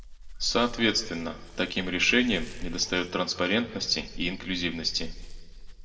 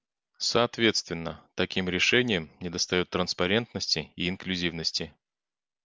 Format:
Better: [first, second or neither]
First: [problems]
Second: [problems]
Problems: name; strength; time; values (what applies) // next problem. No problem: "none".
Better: second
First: background sound (Dog); 11 dB below the speech // room echo; dies away in 1.1 s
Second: none